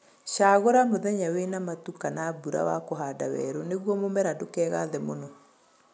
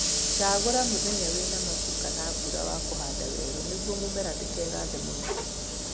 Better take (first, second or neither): first